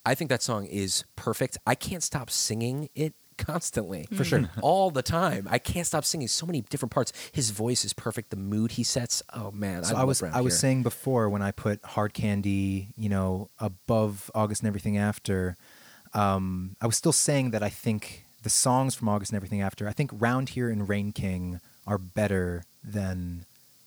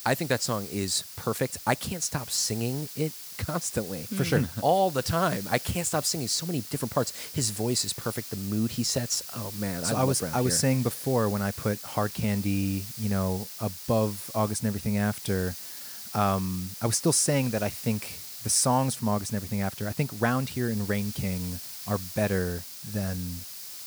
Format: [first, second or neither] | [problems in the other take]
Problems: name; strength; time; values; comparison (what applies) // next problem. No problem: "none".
first | hiss; loud; throughout; 10 dB below the speech; faint in the first